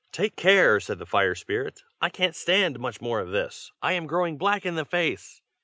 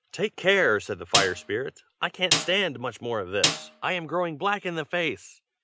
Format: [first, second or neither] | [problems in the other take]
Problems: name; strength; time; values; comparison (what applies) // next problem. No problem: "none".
first | background sound (Snare drum); 1 dB below the speech